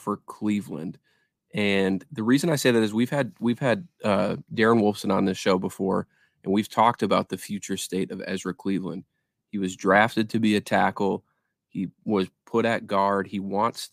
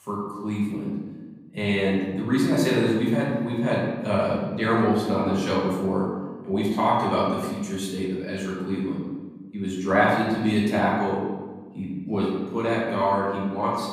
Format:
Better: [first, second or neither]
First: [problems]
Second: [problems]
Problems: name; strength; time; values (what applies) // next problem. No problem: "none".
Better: first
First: none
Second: room echo; noticeable; dies away in 1.2 s // off-mic speech; far